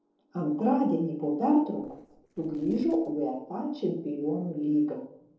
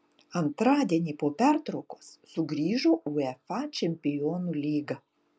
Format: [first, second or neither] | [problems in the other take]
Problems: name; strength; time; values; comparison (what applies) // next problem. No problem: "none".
second | noise reduction (neural separator model SepFormer DNS4)